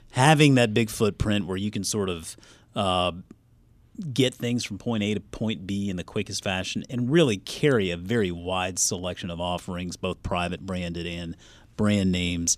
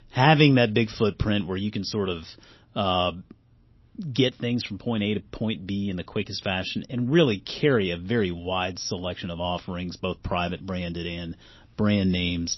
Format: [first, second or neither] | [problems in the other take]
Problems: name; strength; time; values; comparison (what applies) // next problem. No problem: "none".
first | garbled, watery; slightly; nothing above 5.5 kHz